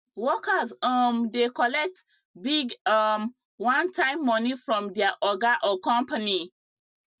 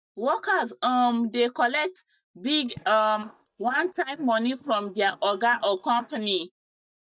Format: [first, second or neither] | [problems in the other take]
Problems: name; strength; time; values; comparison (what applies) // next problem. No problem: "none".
first | noise reduction (neural mask model DeepFilterNet 3)